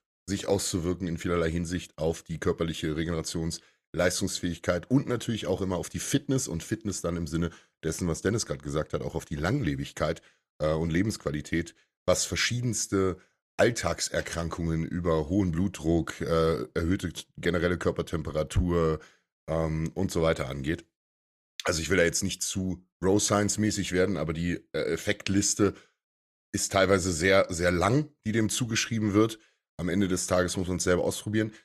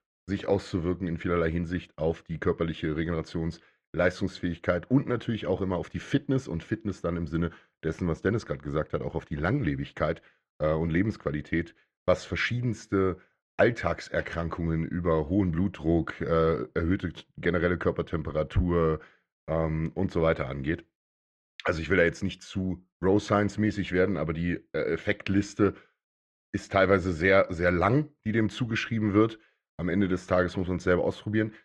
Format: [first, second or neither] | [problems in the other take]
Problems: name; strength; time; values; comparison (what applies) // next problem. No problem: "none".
first | muffled; very; fading above 2 kHz